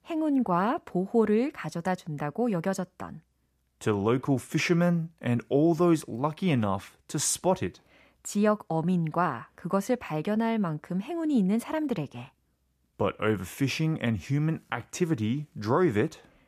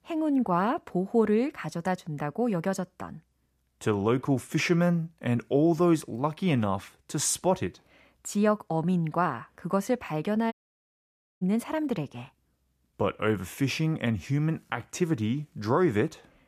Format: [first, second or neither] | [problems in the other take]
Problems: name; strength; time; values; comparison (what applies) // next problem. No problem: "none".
first | audio cutting out; at 11 s for 1 s